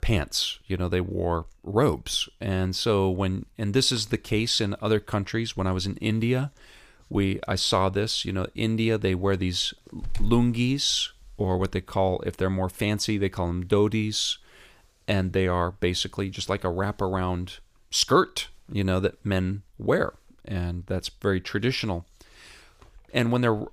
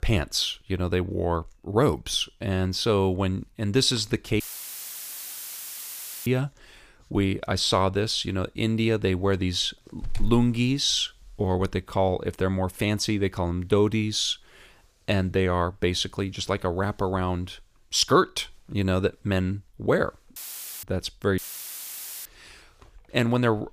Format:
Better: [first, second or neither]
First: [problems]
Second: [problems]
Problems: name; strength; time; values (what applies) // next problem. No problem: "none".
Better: first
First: none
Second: audio cutting out; filled with static; at 4.5 s for 2 s, at 20 s and at 21 s for 1 s